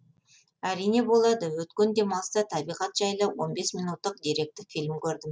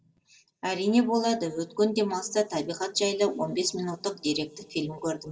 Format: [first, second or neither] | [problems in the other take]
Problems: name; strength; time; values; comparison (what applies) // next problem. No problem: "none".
first | room echo; dies away in 2.1 s